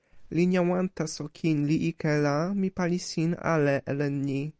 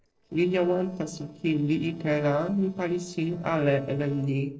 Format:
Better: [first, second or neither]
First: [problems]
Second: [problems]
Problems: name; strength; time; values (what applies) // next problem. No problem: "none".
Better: first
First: none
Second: noise reduction (neural separator model SepFormer DNS4)